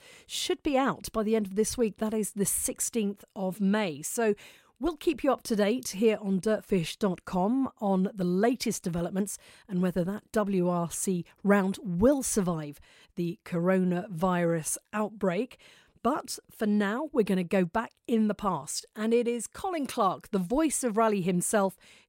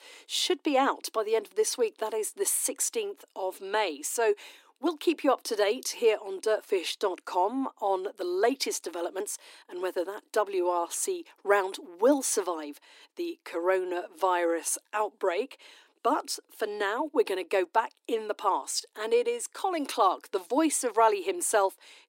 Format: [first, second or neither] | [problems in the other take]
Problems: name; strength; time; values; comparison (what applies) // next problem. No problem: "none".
first | thin; somewhat; fading below 300 Hz